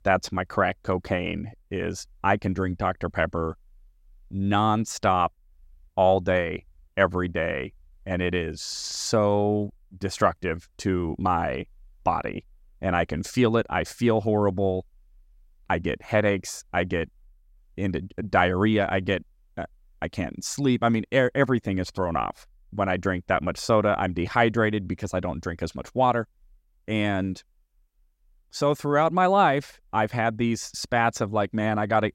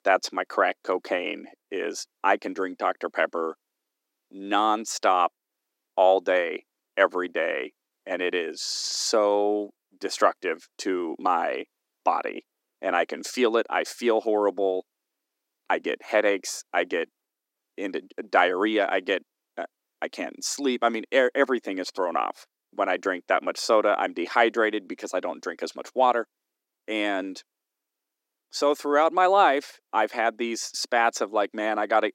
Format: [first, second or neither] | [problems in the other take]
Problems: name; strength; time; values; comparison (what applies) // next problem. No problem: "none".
first | thin; somewhat; fading below 300 Hz